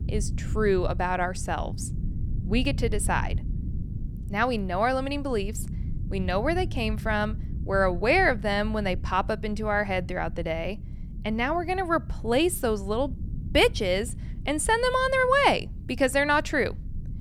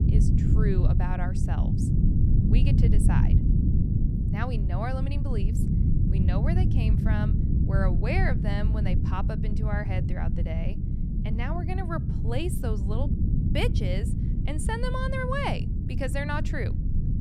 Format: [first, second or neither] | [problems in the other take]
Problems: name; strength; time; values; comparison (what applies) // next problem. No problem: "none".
first | low rumble; loud; throughout; 3 dB below the speech; faint in the first